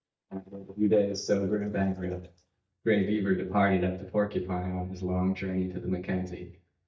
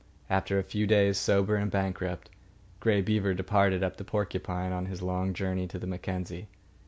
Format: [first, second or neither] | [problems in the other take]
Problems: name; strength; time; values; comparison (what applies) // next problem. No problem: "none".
second | noise reduction (neural mask model DeepFilterNet 3)